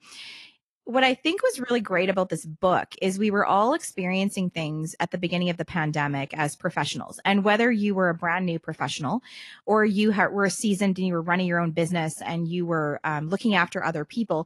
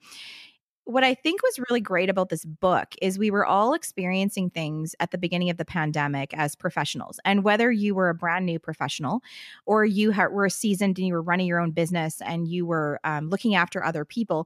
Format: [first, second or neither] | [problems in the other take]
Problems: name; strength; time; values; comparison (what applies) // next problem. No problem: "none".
second | garbled, watery; slightly; nothing above 11.5 kHz